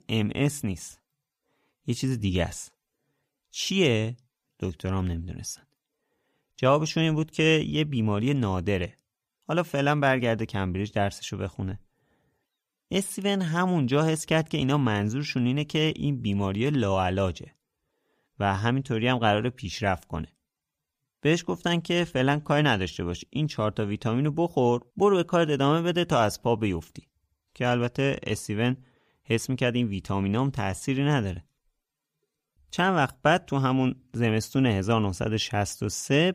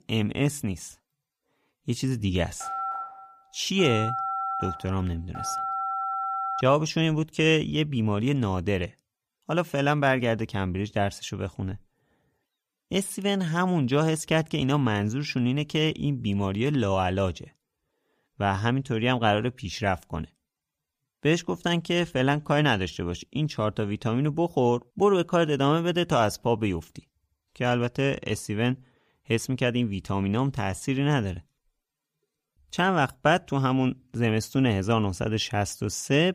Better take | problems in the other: first | phone ringing; noticeable; from 2.5 to 6.5 s; peak 3 dB below the speech

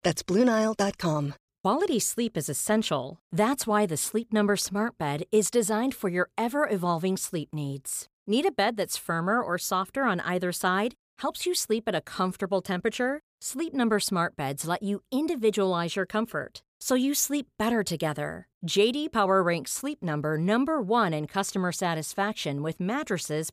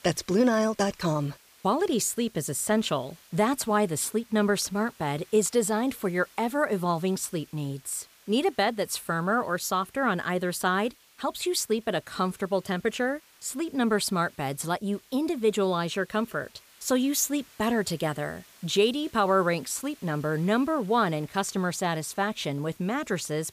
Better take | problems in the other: first | hiss; faint; throughout; 25 dB below the speech

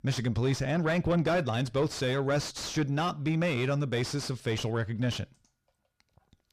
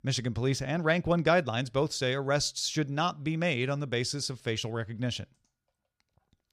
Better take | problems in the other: second | distortion; heavy; 7 dB below the speech

